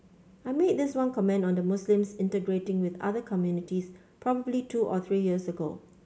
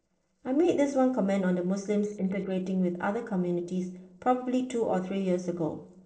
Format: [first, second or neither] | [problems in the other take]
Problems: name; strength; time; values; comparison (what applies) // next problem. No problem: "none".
first | noise reduction (neural separator model SepFormer DNS4)